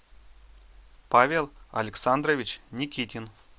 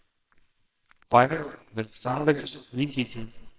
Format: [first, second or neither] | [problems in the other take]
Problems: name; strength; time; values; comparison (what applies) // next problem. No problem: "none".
first | noise reduction (neural separator model SepFormer WHAMR!)